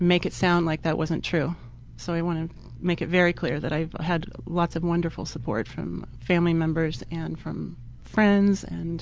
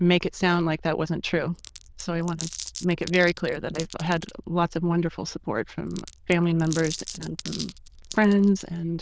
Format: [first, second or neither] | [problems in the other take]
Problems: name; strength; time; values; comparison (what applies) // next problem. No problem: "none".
first | noise reduction (neural diffusion model UNIVERSE++)